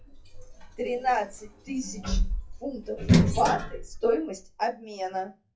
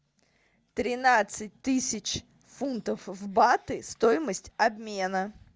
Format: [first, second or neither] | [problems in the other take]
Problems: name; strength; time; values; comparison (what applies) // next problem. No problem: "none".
second | noise reduction (classical method WPE with log-MMSE)